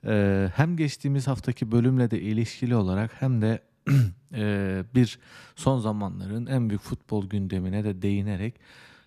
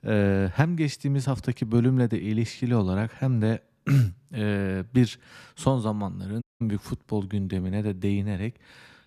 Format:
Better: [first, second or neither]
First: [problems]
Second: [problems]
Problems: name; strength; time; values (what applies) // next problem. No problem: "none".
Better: first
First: none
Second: audio cutting out; at 6.5 s